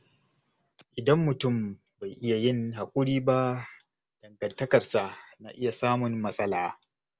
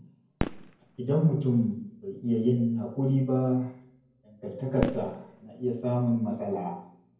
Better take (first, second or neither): first